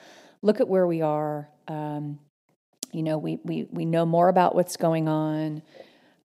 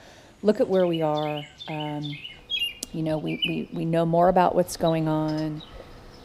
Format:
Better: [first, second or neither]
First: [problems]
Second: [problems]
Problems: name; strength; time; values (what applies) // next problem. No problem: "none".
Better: first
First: none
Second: animal sounds; loud; throughout; 9 dB below the speech